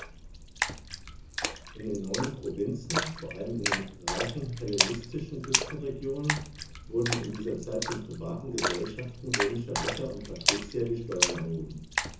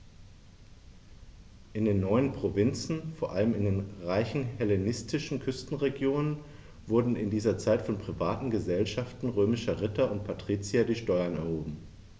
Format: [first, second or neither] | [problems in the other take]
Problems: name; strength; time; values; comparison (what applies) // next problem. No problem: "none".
second | background sound (Splash, splatter); 1 dB above the speech // room echo; dies away in 0.6 s